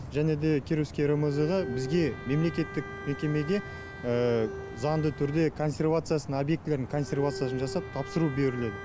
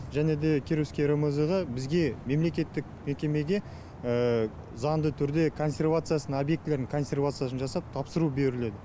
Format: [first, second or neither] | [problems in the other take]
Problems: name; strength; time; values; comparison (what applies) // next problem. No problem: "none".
second | background sound (Bowed string instrument); 13 dB below the speech